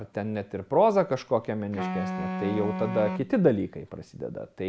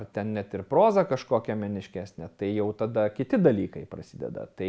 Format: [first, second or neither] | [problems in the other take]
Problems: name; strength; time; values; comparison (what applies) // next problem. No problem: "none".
second | background sound (Wind instrument, woodwind instrument); 7 dB below the speech